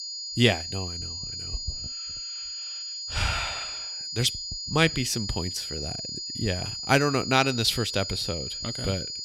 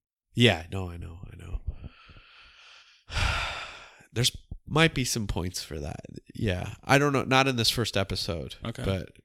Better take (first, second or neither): second